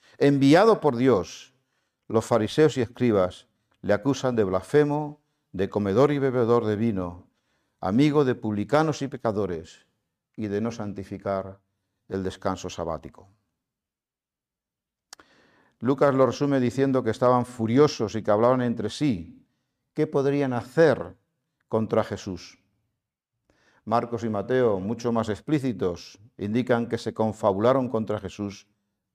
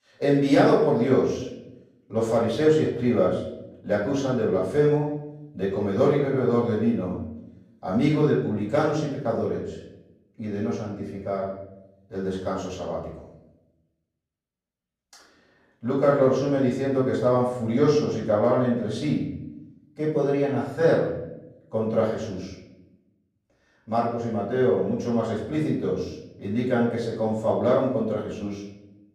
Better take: first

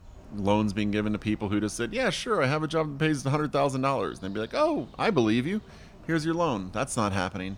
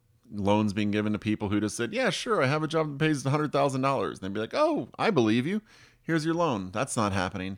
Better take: second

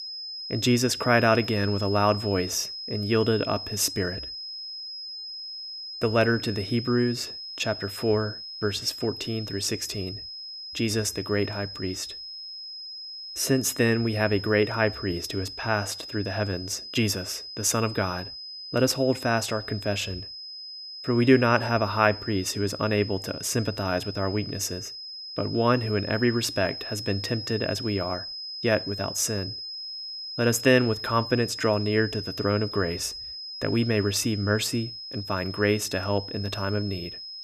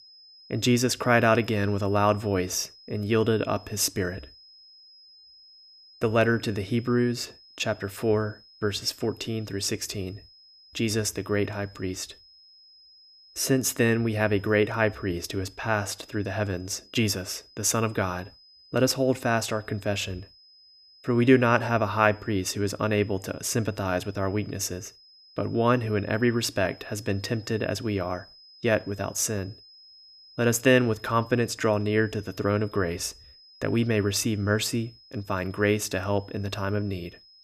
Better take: second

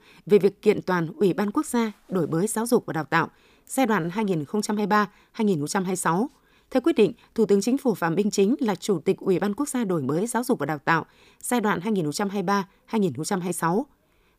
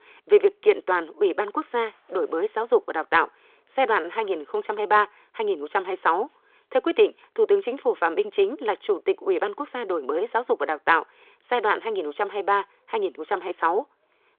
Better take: first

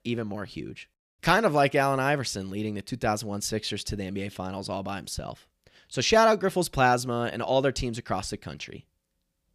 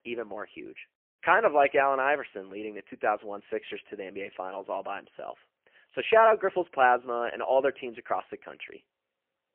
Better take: first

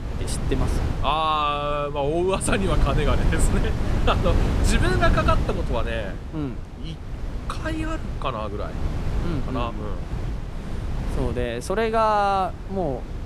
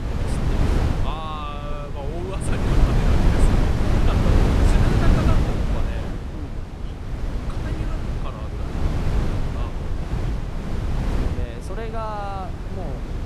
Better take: first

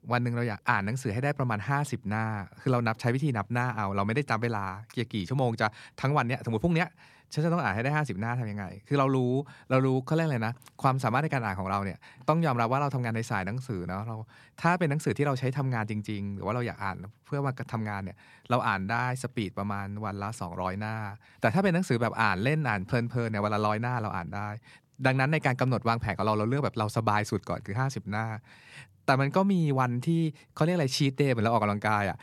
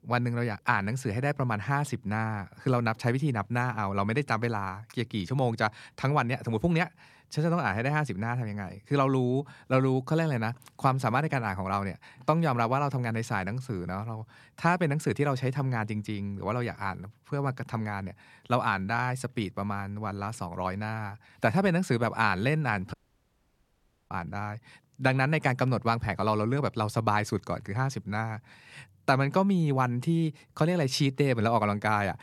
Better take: first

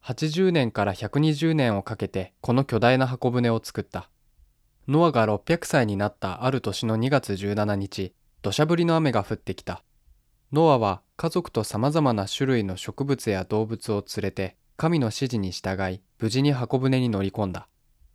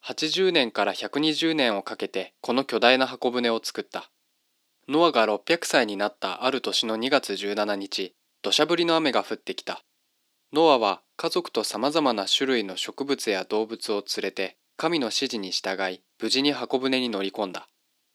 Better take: first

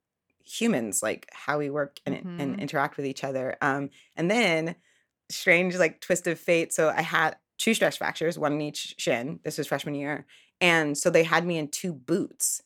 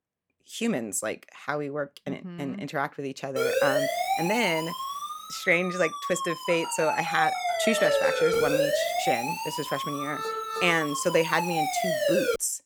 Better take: first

